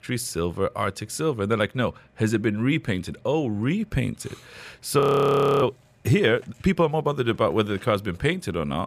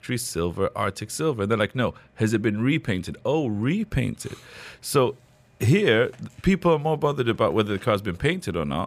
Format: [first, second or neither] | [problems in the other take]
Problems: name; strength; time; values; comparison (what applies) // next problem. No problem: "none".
second | audio freezing; at 5 s for 0.5 s